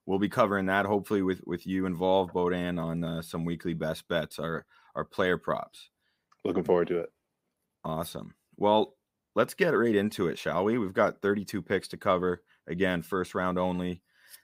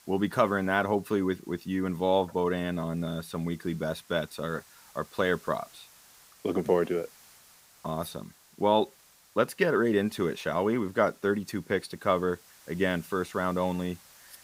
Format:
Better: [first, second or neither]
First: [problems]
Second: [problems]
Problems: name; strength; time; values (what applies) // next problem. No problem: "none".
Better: first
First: none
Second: hiss; faint; throughout; 25 dB below the speech